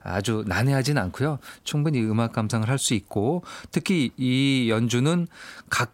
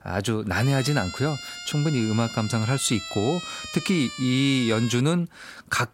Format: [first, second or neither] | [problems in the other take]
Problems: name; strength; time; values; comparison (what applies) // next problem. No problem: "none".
first | siren; noticeable; from 0.5 to 5 s; peak 9 dB below the speech